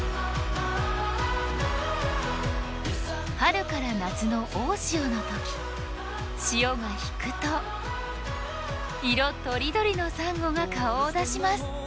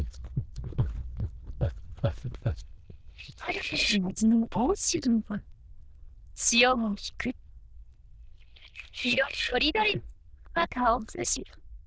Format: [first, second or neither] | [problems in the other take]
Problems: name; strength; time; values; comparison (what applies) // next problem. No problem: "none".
first | noise reduction (neural diffusion model UNIVERSE++)